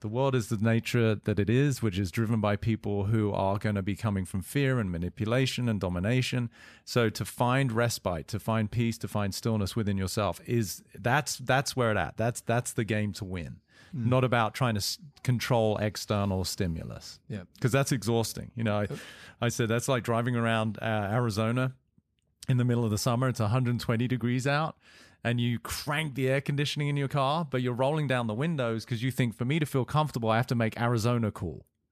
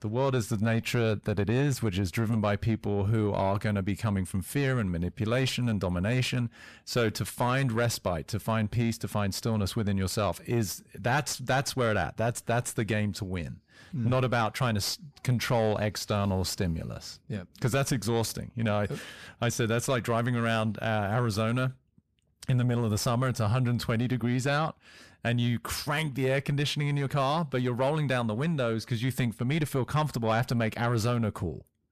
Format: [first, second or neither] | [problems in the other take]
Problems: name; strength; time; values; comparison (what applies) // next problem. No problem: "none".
first | distortion; slight; 10 dB below the speech